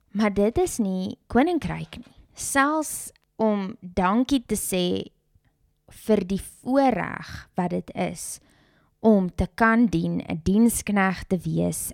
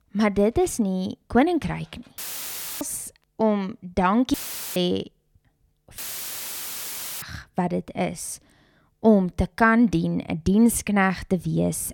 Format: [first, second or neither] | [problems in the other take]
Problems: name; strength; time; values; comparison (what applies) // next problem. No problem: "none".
first | audio cutting out; filled with static; at 2 s for 0.5 s, at 4.5 s and at 6 s for 1 s